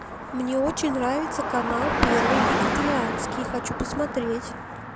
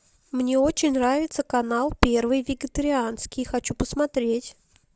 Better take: second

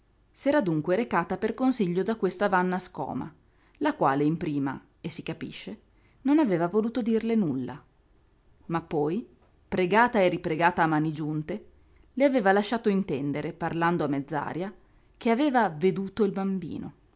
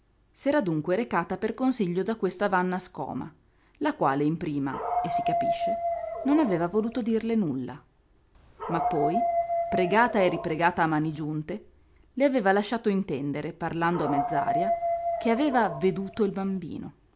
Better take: first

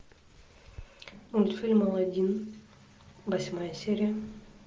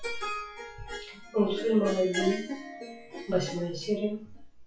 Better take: first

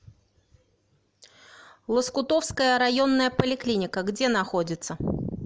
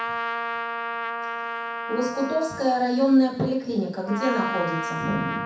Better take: first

